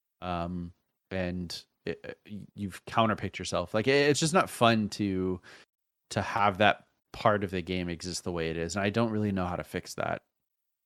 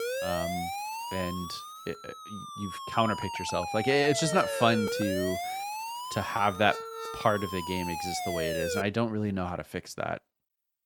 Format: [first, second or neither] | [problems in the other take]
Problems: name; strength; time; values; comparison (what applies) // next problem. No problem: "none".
first | siren; noticeable; until 9 s; peak 1 dB below the speech